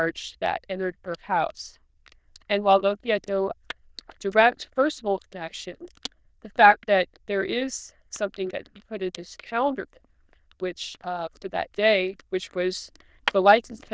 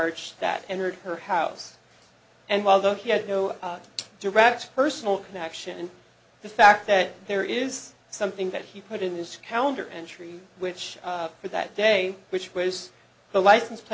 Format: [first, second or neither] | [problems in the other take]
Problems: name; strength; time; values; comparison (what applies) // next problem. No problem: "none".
second | noise reduction (neural diffusion model UNIVERSE++)